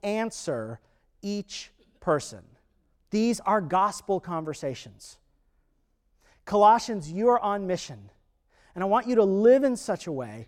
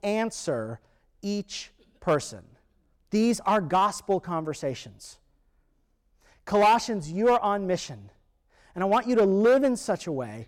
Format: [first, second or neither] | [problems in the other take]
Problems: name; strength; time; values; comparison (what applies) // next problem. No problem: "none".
first | distortion; slight; 3% of the sound clipped